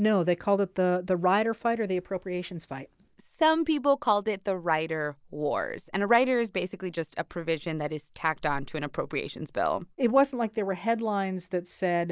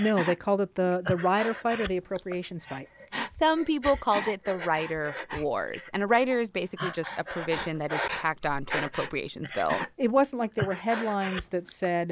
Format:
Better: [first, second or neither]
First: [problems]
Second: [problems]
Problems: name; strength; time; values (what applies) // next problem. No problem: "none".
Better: first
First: none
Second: background sound (Breathing); 9 dB below the speech